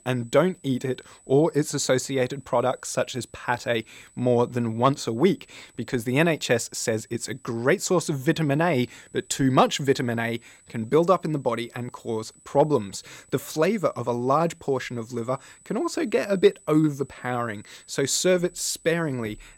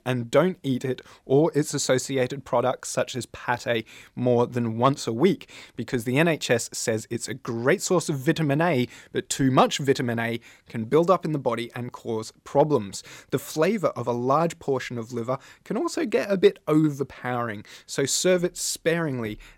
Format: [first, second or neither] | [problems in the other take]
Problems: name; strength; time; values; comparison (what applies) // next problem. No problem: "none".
second | high-pitched whine; faint; throughout; 8 kHz, 30 dB below the speech